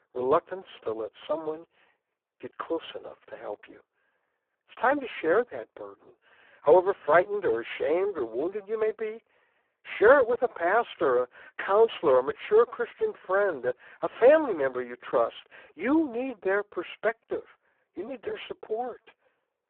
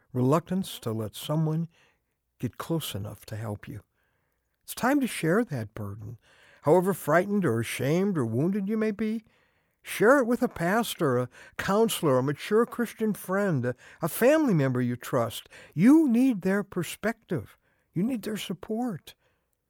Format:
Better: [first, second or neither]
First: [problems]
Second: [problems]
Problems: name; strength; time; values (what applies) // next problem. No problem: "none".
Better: second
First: phone-call audio; poor line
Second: none